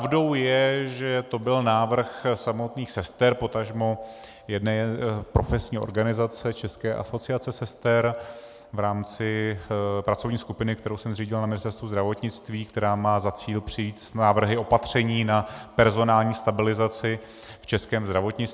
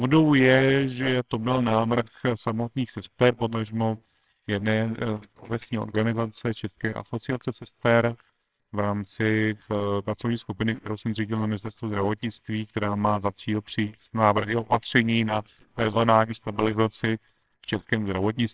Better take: first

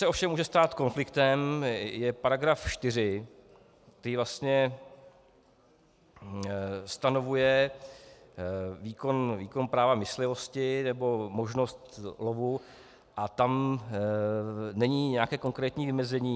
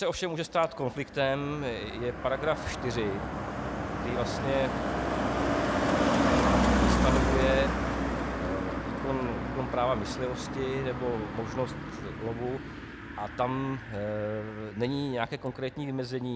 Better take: first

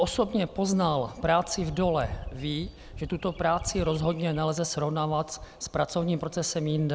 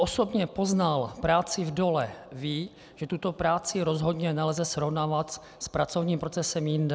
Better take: second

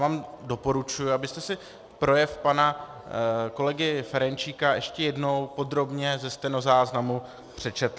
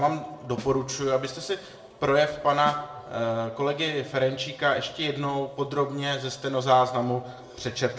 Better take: first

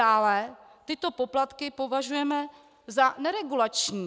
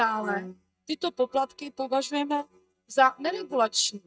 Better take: first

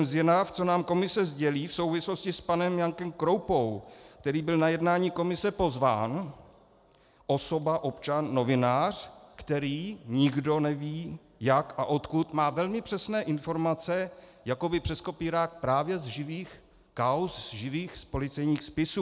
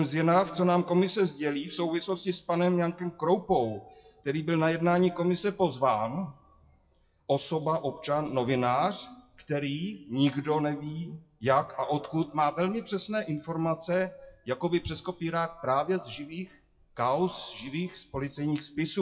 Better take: first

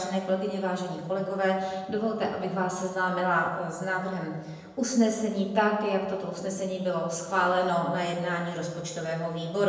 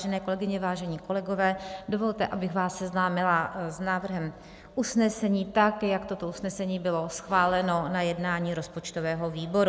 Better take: second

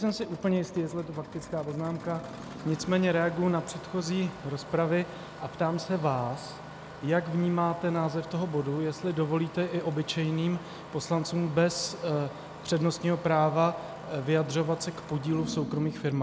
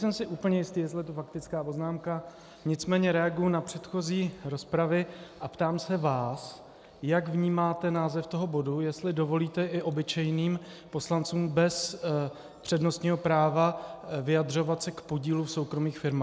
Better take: second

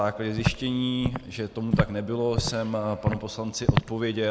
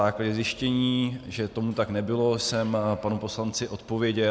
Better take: second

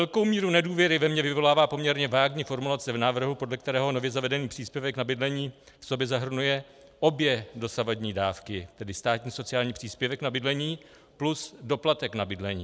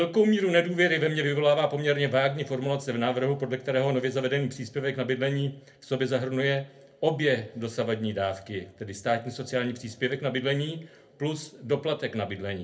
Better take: first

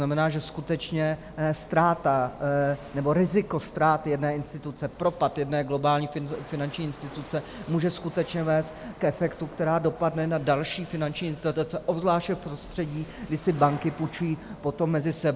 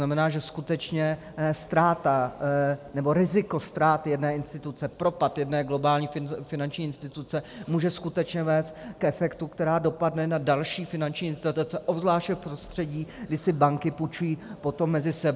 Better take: second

